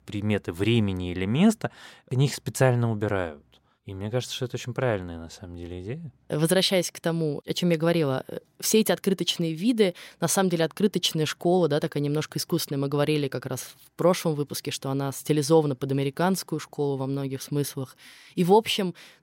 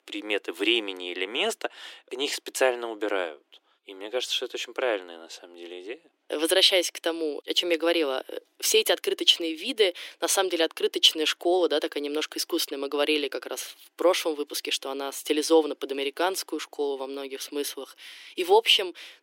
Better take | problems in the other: first | thin; very; fading below 300 Hz

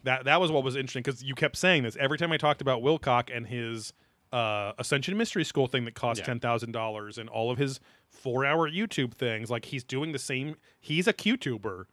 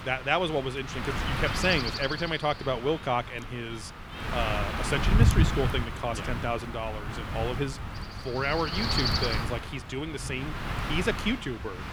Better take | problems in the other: first | wind noise on the microphone; heavy; 3 dB below the speech

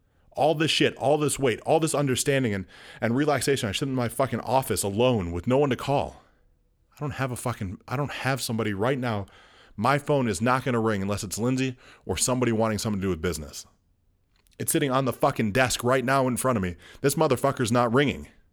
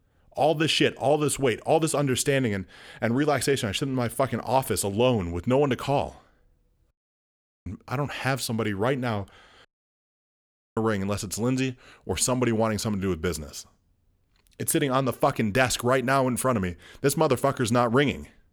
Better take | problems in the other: first | audio cutting out; at 7 s for 1 s and at 9.5 s for 1 s

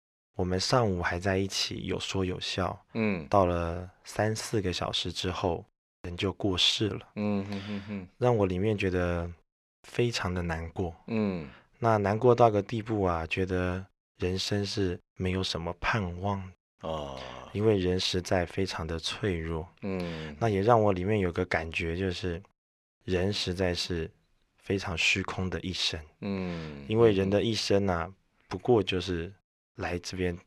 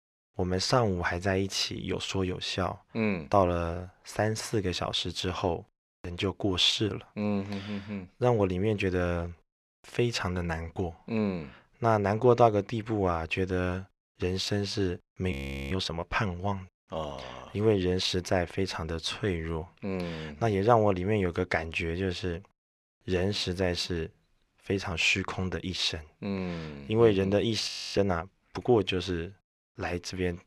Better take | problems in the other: first | audio freezing; at 15 s and at 28 s

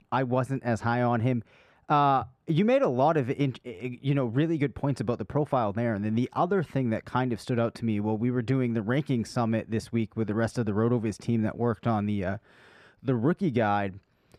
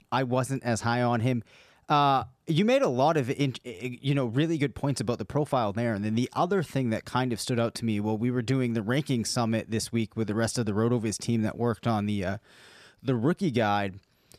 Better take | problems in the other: second | muffled; slightly; fading above 3 kHz

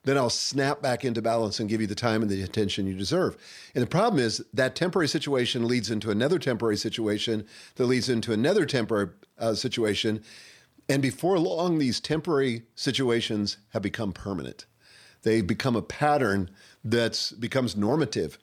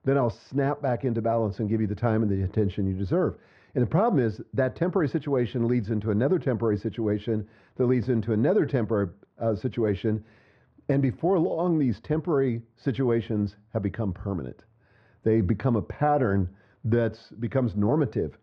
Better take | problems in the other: first | muffled; very; fading above 1 kHz

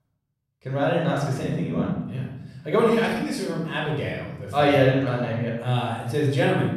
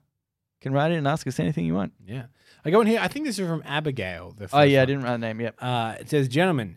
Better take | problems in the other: second | off-mic speech; far // room echo; noticeable; dies away in 1 s

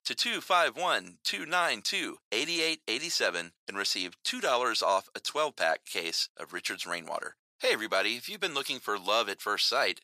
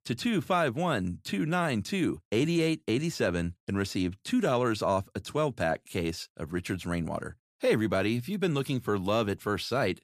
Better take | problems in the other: second | thin; very; fading below 700 Hz

